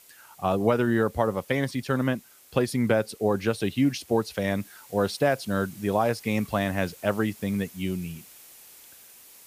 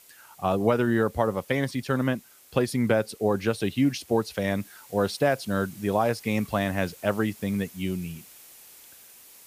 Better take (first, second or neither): neither